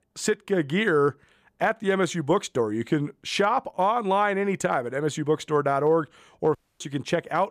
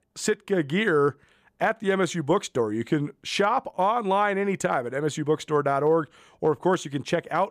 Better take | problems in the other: second | audio cutting out; at 6.5 s

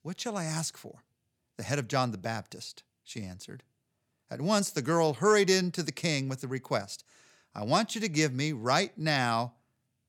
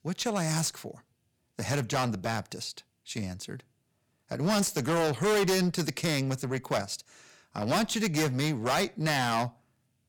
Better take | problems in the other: first | distortion; heavy; 13% of the sound clipped

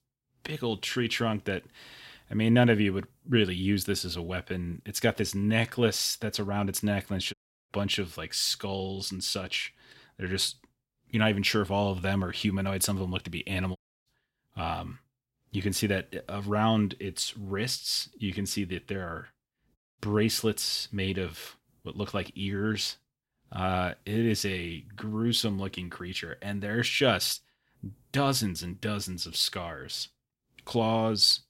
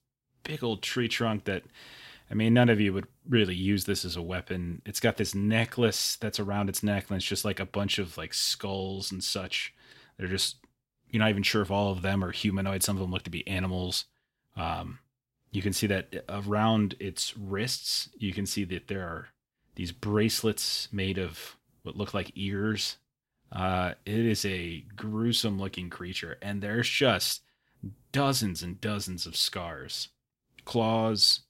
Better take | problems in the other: second | audio cutting out; at 7.5 s, at 14 s and at 20 s

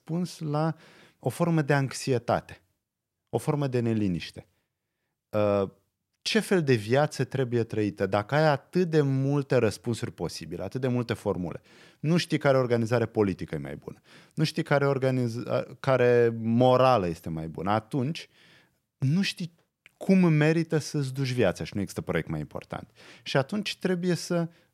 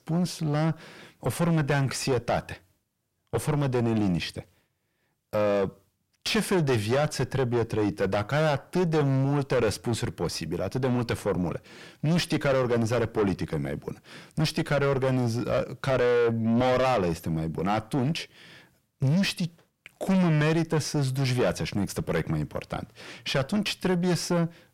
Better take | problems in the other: first | distortion; heavy; 5 dB below the speech

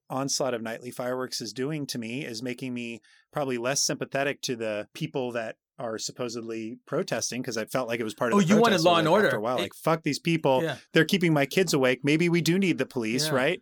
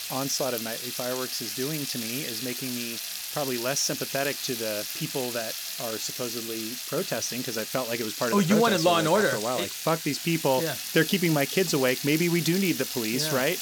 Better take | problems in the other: first | household noises; loud; throughout; 5 dB below the speech

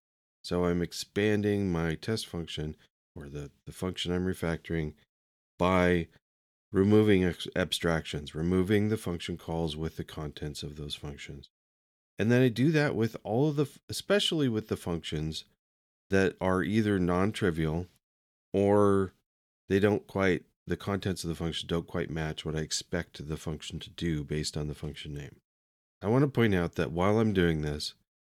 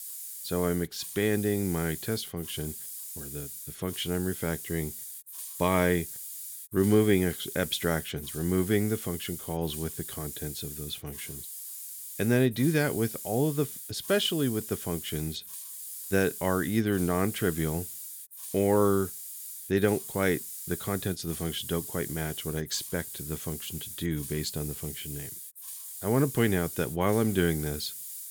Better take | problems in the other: first | hiss; loud; throughout; 8 dB below the speech

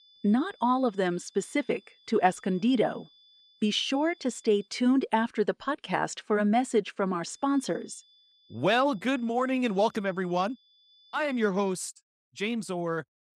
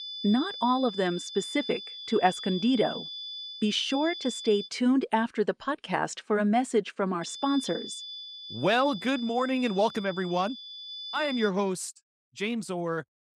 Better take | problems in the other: first | high-pitched whine; loud; until 4.5 s and from 7 to 11 s; 3.5 kHz, 10 dB below the speech; faint in the first

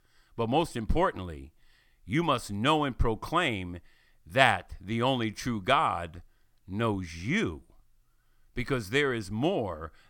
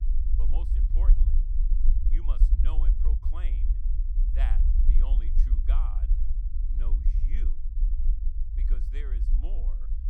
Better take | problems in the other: first | low rumble; loud; throughout; 2 dB below the speech

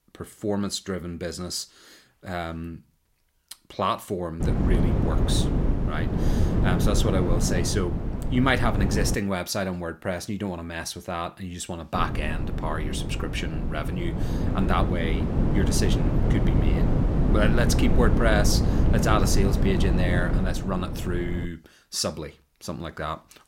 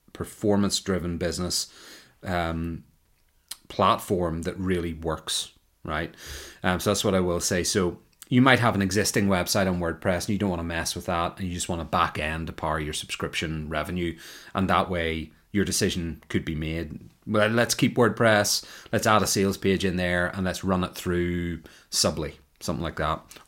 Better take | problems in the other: second | wind noise on the microphone; heavy; from 4.5 to 9 s and from 12 to 21 s; 4 dB below the speech

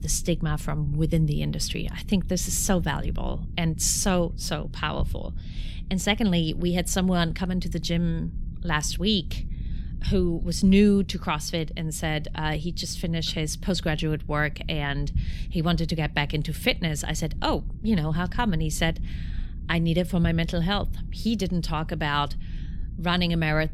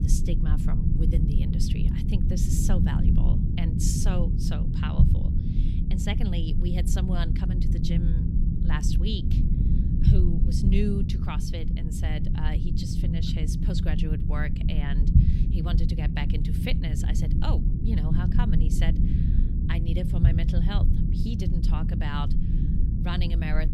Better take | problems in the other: first | low rumble; loud; throughout; 1 dB below the speech; faint in the first

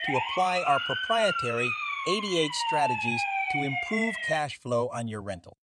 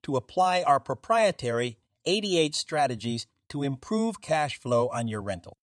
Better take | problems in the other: second | siren; loud; until 4.5 s; peak 3 dB above the speech

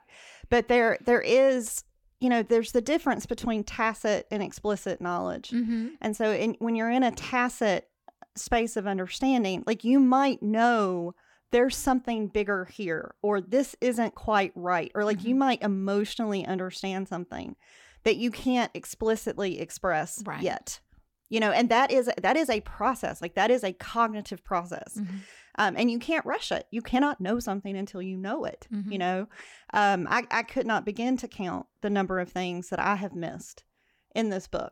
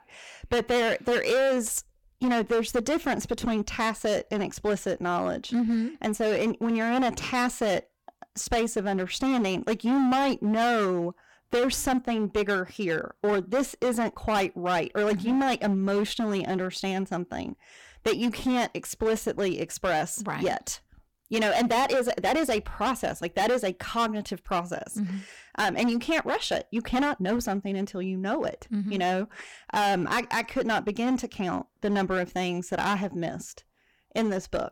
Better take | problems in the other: first | distortion; heavy; 13% of the sound clipped

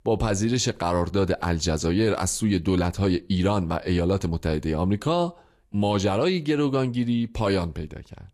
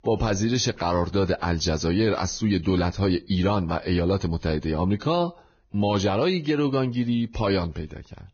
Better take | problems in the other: first | garbled, watery; badly; nothing above 6.5 kHz; slightly in the first

